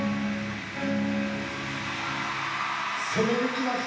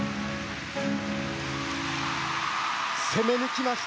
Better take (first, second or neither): second